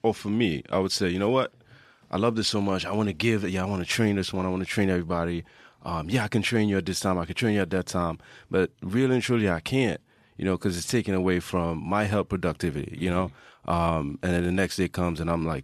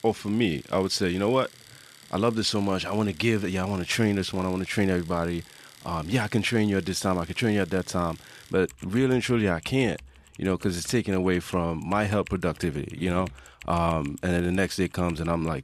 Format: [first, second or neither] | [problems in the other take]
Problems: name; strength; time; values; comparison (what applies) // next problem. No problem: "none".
first | household noises; faint; throughout; 20 dB below the speech